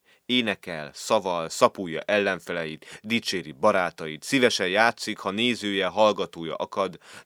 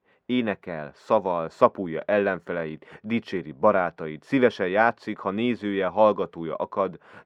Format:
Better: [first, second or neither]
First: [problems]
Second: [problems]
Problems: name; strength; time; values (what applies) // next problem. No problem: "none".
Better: first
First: none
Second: muffled; very; fading above 3 kHz